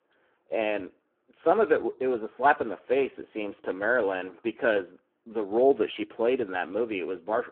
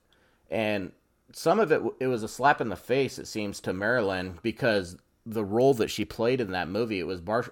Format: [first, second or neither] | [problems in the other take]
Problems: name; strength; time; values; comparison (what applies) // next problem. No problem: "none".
second | phone-call audio; poor line